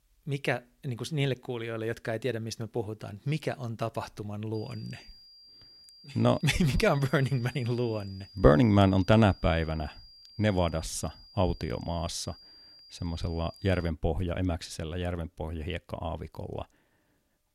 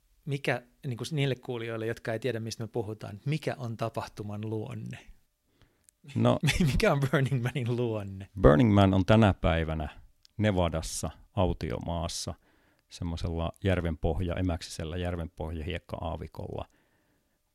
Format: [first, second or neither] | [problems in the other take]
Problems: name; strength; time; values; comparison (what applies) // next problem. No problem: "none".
second | high-pitched whine; faint; from 4.5 to 14 s; 5 kHz, 20 dB below the speech